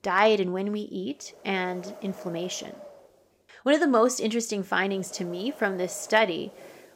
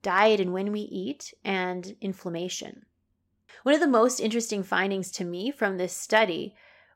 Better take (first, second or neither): second